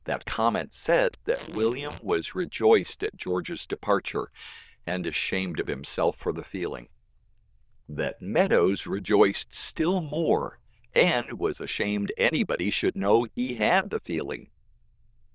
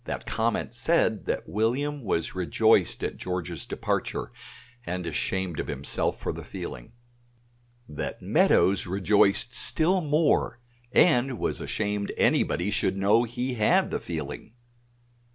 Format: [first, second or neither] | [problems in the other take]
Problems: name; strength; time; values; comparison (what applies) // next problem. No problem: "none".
second | noise reduction (neural diffusion model UNIVERSE++)